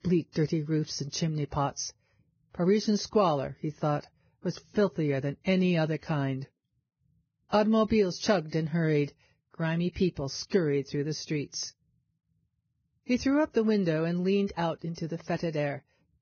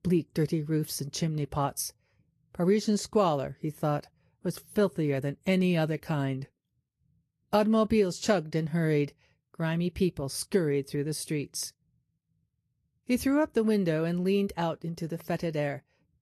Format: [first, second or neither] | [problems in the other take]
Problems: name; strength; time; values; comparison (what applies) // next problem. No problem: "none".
second | garbled, watery; badly; nothing above 6.5 kHz; slightly in the second